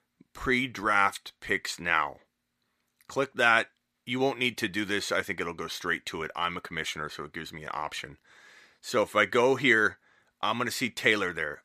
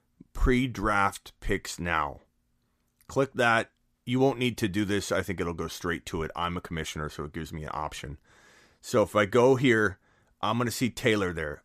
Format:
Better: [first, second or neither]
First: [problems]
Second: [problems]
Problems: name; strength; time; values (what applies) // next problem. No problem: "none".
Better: second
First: thin; very slightly; fading below 600 Hz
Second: none